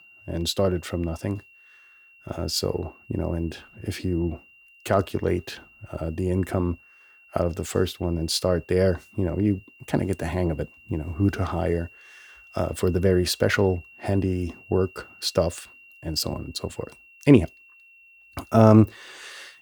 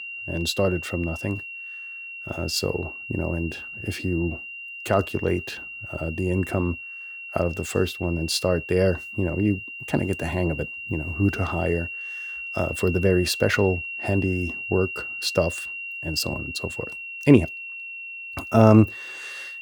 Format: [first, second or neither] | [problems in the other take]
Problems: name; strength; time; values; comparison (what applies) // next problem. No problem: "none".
first | high-pitched whine; loud; throughout; 2.5 kHz, 8 dB below the speech; faint in the first